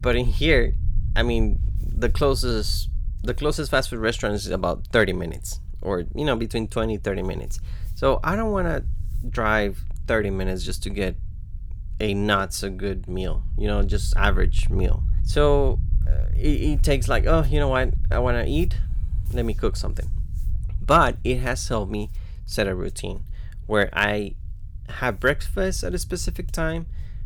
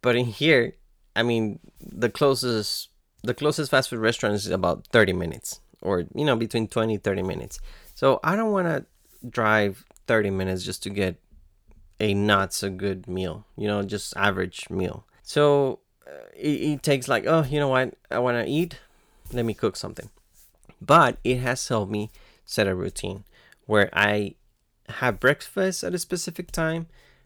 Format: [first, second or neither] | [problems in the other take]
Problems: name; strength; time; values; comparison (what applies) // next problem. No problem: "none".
second | low rumble; faint; throughout; 25 dB below the speech